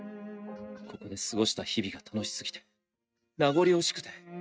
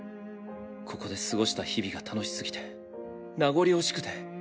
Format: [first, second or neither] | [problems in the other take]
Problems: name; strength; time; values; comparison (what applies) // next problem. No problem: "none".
second | noise reduction (neural mask model RNNoise)